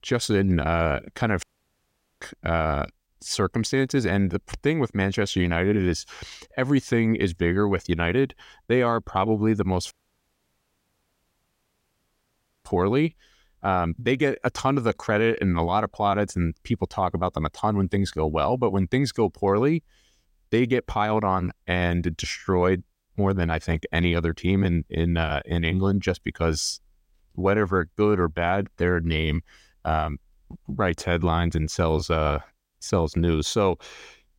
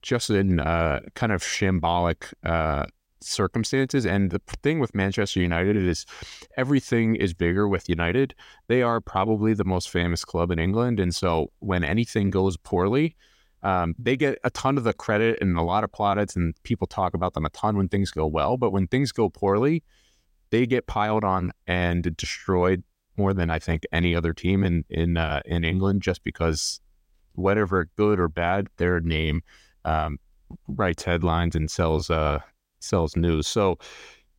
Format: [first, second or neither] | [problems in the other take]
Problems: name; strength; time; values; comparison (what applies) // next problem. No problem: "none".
second | audio cutting out; at 1.5 s for 1 s and at 10 s for 2.5 s